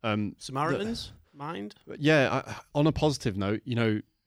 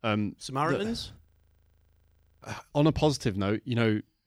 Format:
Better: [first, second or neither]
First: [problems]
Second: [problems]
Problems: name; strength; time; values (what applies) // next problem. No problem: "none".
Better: first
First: none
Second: audio freezing; at 1.5 s for 1 s